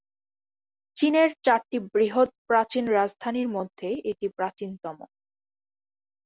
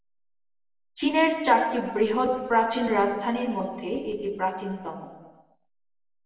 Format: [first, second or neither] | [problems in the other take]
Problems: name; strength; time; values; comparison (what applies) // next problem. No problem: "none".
first | room echo; dies away in 1.2 s